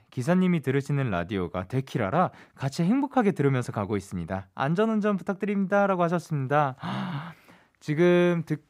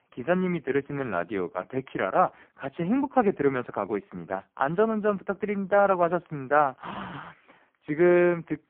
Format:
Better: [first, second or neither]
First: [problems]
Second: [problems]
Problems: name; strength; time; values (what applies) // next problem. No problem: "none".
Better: first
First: none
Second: phone-call audio; poor line